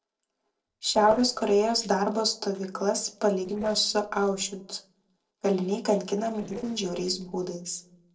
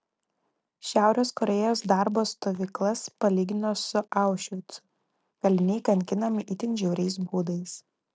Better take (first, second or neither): second